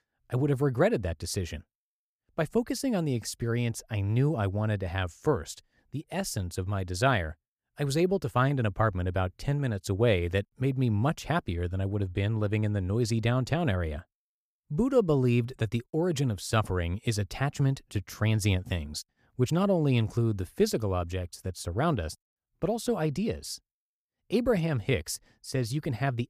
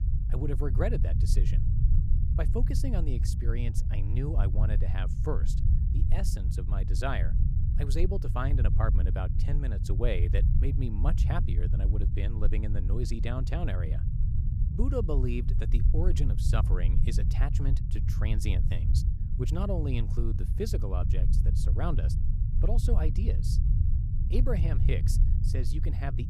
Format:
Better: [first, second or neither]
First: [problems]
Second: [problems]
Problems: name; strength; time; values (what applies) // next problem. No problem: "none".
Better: first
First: none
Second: low rumble; loud; throughout; 6 dB below the speech